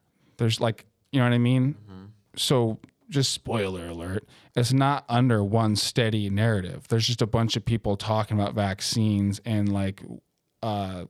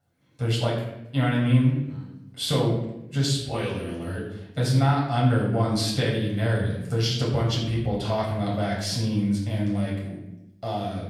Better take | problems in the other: first | off-mic speech; far // room echo; noticeable; dies away in 0.8 s

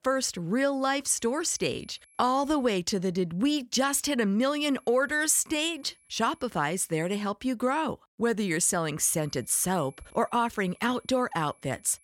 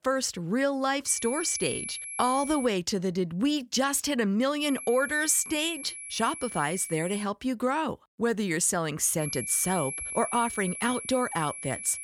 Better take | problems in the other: first | high-pitched whine; loud; from 1 to 2.5 s, from 4.5 to 7 s and from 9 s on; 11 kHz, 8 dB below the speech; faint in the first

